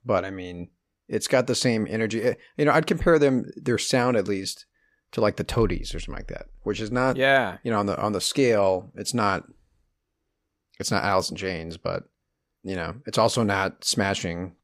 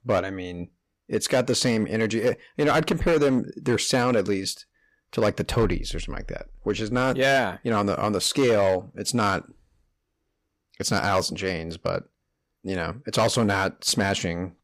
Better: first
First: none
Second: distortion; slight; 5% of the sound clipped

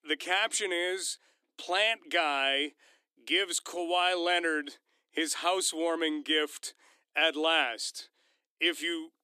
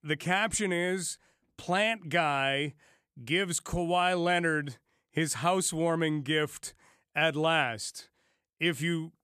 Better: second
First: thin; somewhat; fading below 300 Hz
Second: none

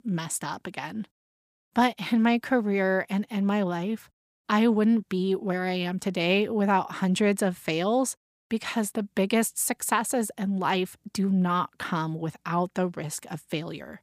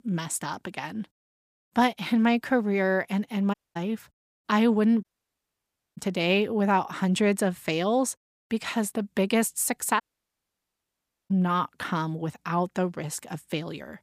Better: first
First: none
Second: audio cutting out; at 3.5 s, at 5 s for 1 s and at 10 s for 1.5 s

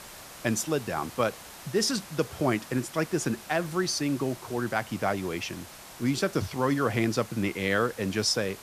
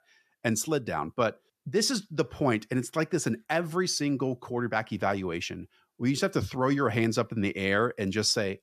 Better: second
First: hiss; noticeable; throughout; 15 dB below the speech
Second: none

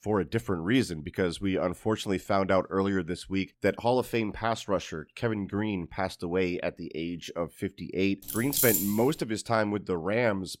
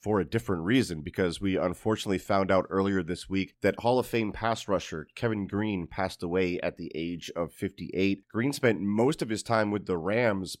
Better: second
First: jangling keys; loud; at 8.5 s; peak 4 dB above the speech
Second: none

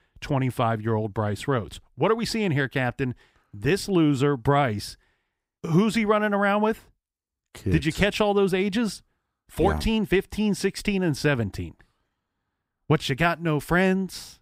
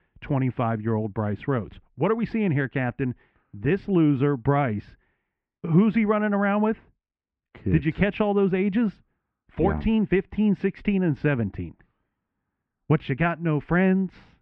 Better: first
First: none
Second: muffled; very; fading above 2.5 kHz

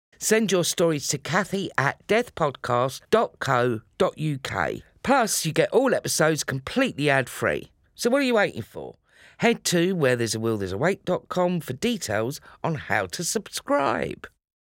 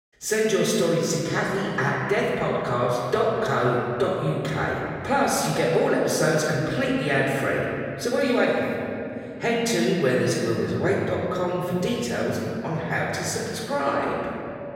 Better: first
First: none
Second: off-mic speech; far // room echo; noticeable; dies away in 2.6 s

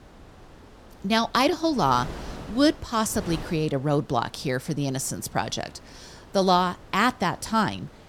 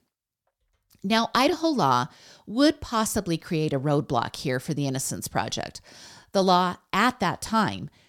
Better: second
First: wind noise on the microphone; occasional gusts; 20 dB below the speech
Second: none

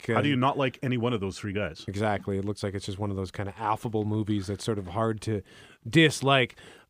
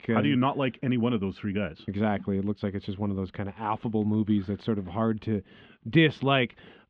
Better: first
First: none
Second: muffled; slightly; fading above 3 kHz

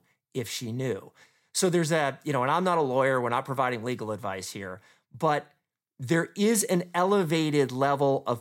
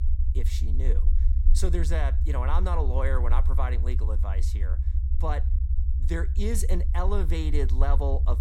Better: first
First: none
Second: low rumble; noticeable; throughout; 10 dB below the speech

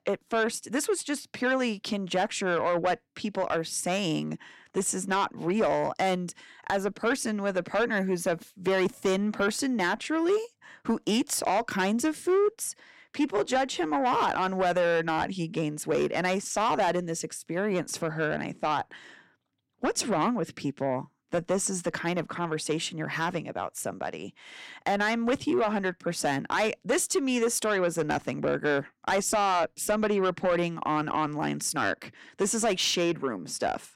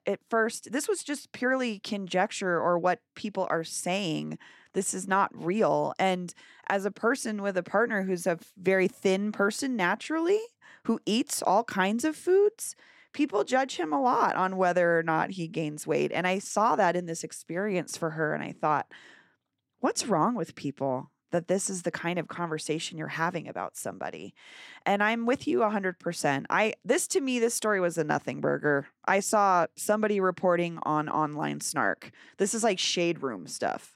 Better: second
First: distortion; slight; 10 dB below the speech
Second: none

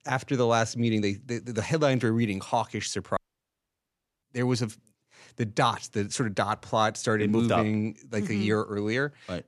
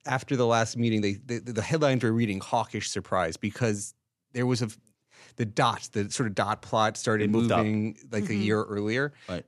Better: second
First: audio cutting out; at 3 s for 1 s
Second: none

